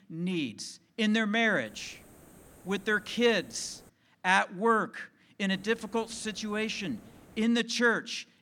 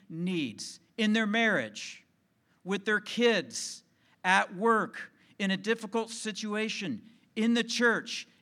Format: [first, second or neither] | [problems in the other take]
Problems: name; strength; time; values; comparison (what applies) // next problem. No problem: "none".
second | hiss; faint; from 1.5 to 4 s and from 5.5 to 7.5 s; 25 dB below the speech